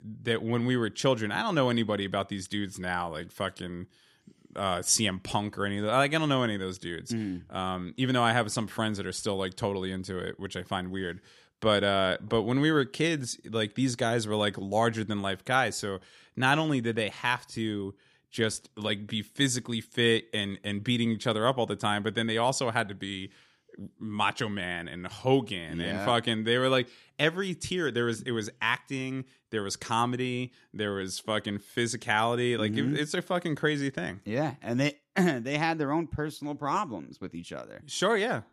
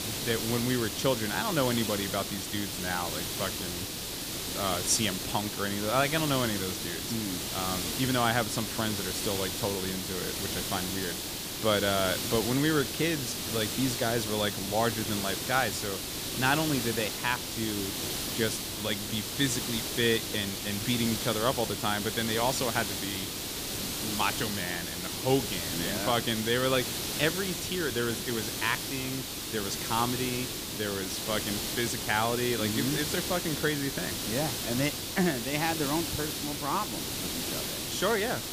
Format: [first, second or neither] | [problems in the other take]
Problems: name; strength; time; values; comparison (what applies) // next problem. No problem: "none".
first | hiss; loud; throughout; 2 dB below the speech